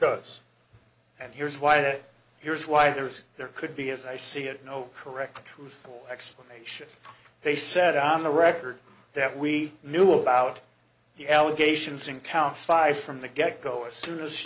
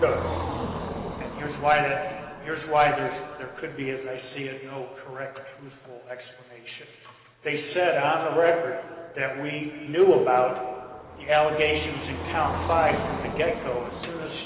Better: first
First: none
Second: background sound (Car passing by); 11 dB below the speech // room echo; dies away in 2.1 s

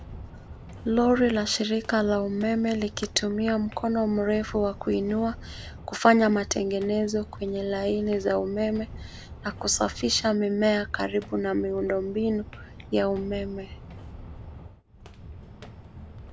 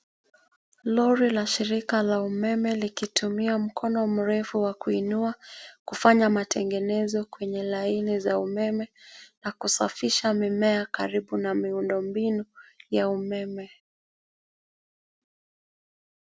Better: second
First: background sound (Walk, footsteps); 16 dB below the speech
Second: none

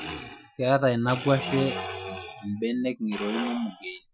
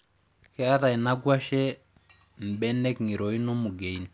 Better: second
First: noise reduction (classical method Wiener filter)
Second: none

